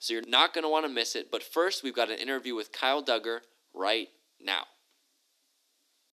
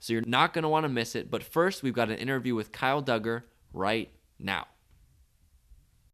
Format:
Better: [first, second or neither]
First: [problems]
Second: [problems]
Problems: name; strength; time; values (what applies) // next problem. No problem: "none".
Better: second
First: thin; somewhat; fading below 300 Hz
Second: none